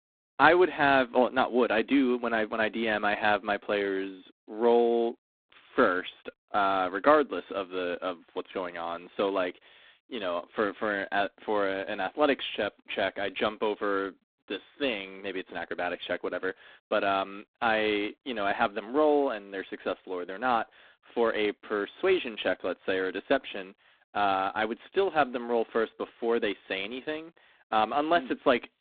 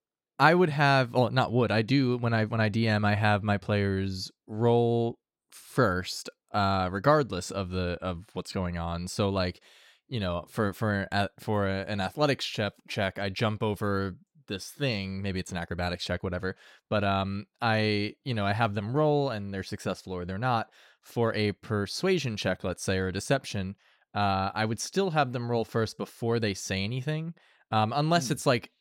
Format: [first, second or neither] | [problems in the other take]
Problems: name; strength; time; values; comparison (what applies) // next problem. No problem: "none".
second | phone-call audio; poor line; nothing above 4 kHz